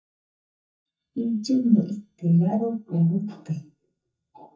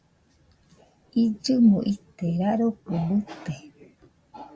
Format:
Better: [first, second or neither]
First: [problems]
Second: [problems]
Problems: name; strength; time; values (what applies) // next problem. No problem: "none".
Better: second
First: noise reduction (neural mask model DeepFilterNet 3)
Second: none